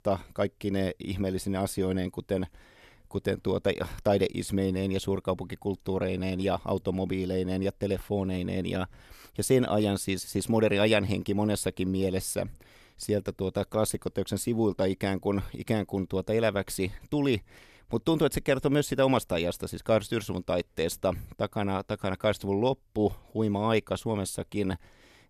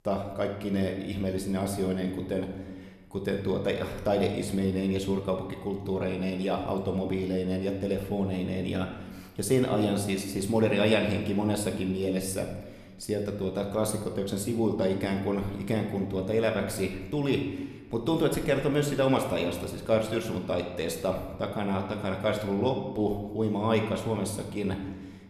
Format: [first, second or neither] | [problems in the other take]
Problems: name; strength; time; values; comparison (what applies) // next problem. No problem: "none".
first | room echo; slight; dies away in 1 s